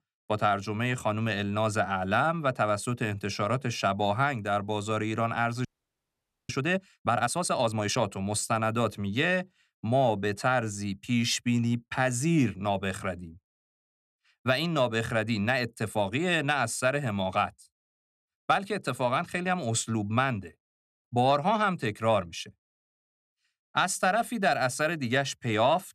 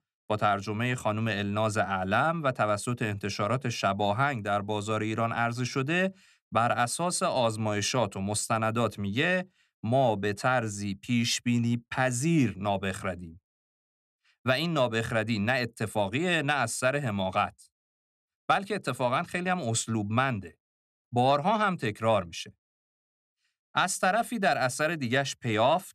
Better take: second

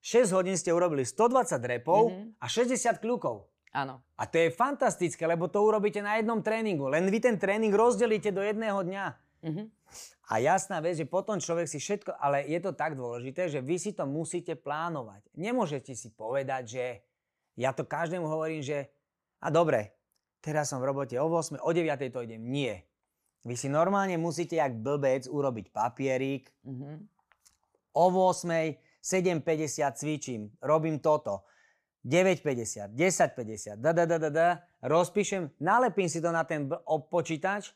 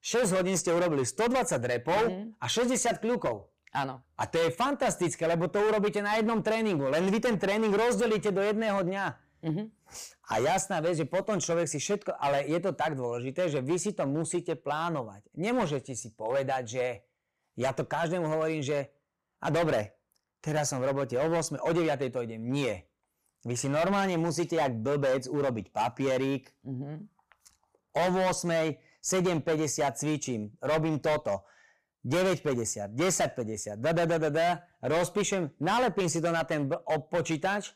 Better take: first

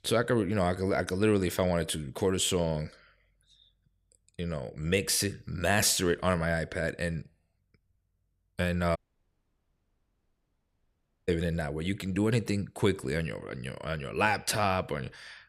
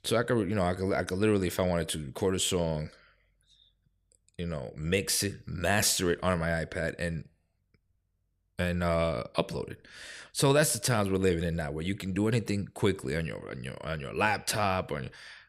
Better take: second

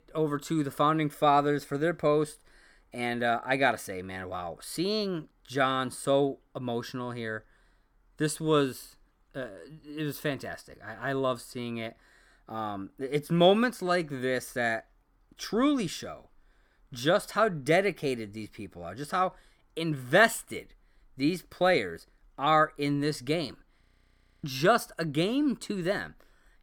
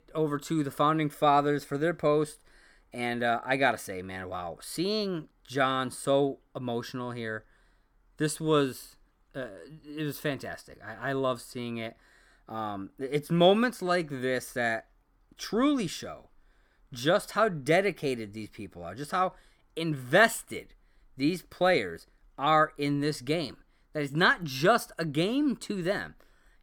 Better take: second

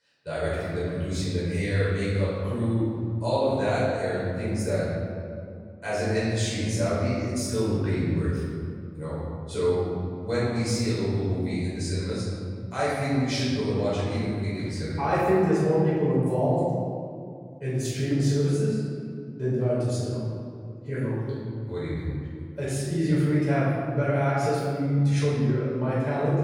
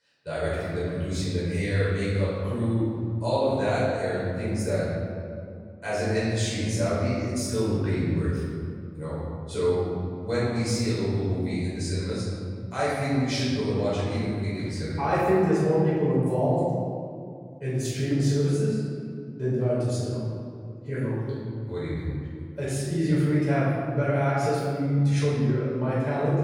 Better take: neither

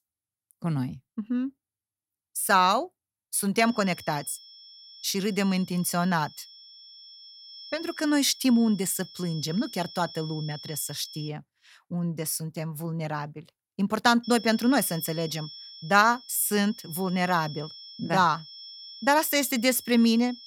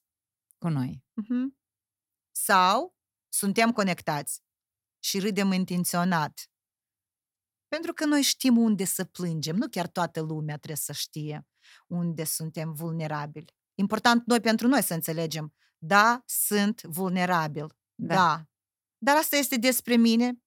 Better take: second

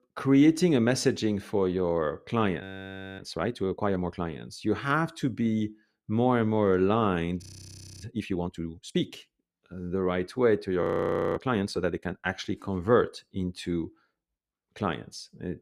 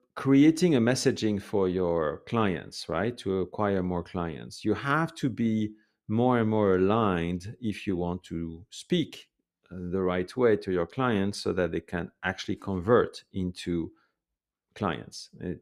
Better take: second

